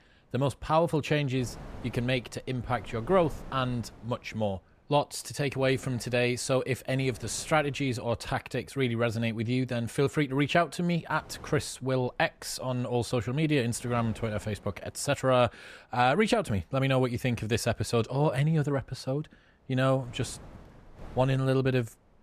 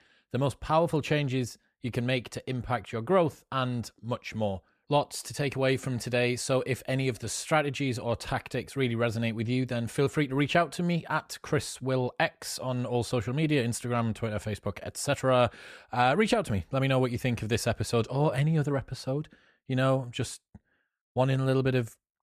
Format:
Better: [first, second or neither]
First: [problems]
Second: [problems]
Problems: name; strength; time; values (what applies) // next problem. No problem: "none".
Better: second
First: wind noise on the microphone; occasional gusts; 25 dB below the speech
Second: none